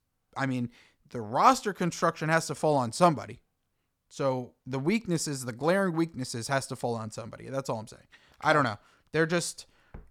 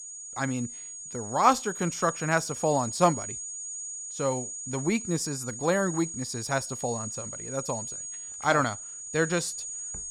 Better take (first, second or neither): first